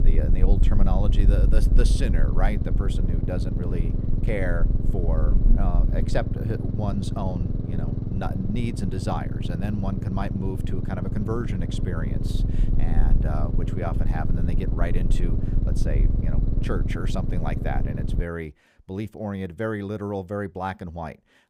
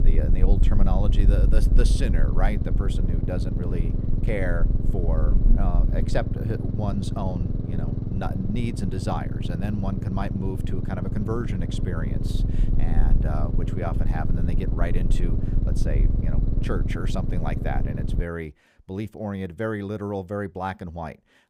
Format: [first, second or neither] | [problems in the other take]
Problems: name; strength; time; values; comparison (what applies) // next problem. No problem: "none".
neither | low rumble; loud; until 18 s; 4 dB below the speech; the same in both